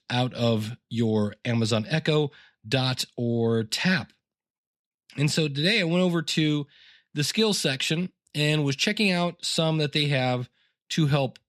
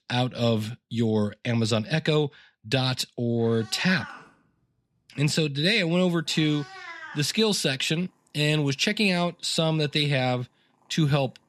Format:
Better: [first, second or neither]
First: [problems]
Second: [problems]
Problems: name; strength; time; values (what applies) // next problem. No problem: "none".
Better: first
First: none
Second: animal sounds; noticeable; from 3.5 s on; 15 dB below the speech